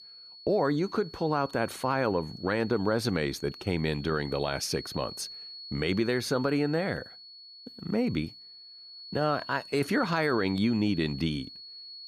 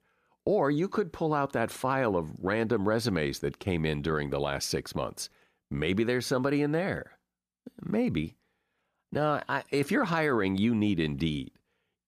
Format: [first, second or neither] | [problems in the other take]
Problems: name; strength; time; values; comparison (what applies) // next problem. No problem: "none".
second | high-pitched whine; noticeable; throughout; 4.5 kHz, 15 dB below the speech